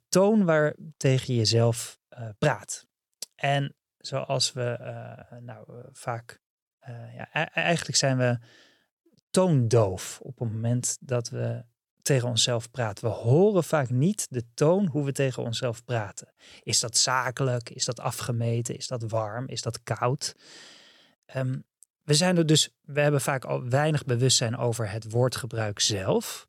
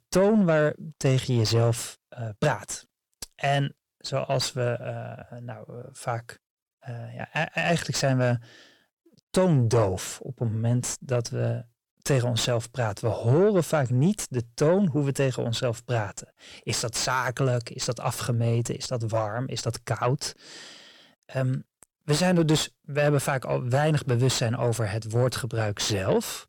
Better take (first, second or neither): first